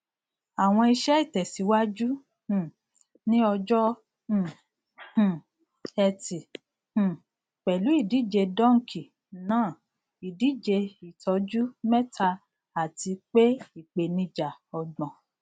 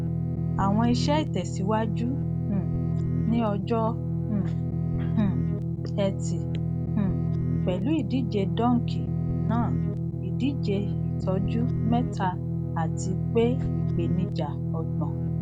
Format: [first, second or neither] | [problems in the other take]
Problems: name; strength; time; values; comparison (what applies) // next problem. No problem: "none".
first | background sound (Guitar); 3 dB above the speech